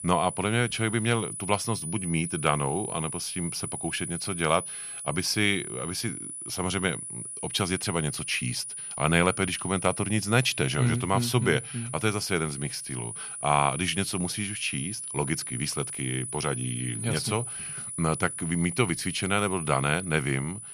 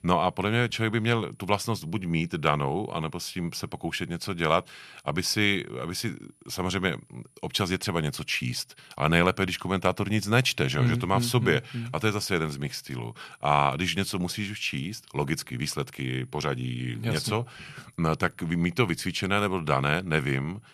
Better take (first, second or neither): second